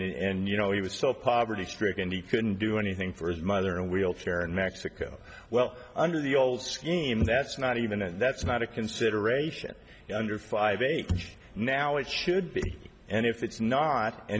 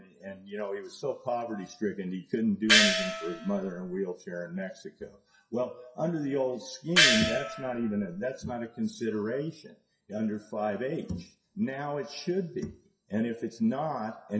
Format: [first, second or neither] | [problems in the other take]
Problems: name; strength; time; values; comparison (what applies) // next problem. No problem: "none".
first | noise reduction (classical method WPE with log-MMSE)